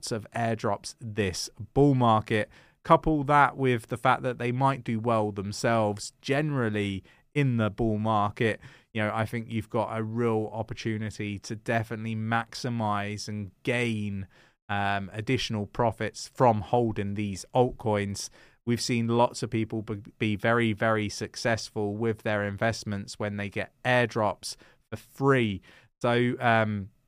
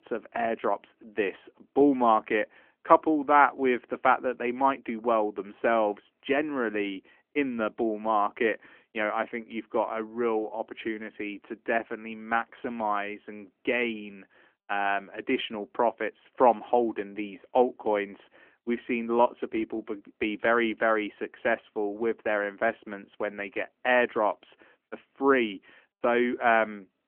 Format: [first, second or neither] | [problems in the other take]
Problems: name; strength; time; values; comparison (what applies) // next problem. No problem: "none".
first | phone-call audio; nothing above 3 kHz